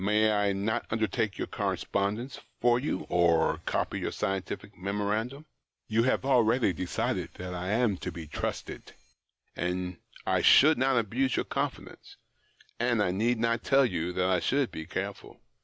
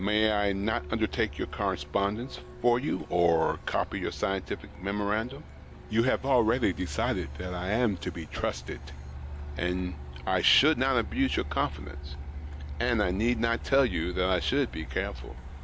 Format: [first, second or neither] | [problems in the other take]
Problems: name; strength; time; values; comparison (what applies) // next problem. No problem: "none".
first | background sound (Truck); 10 dB below the speech